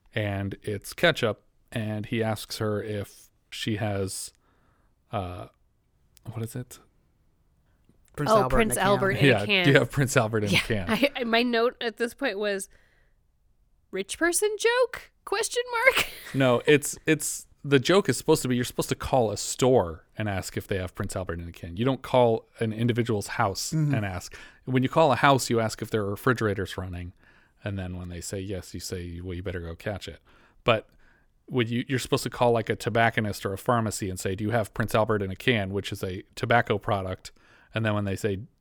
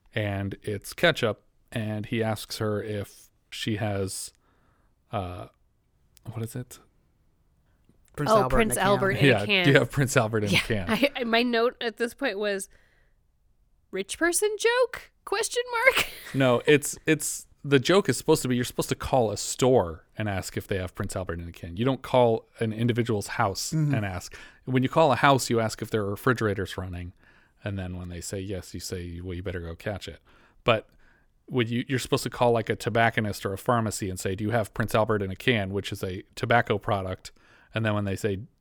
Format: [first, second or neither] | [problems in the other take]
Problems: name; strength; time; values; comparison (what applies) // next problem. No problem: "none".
neither | none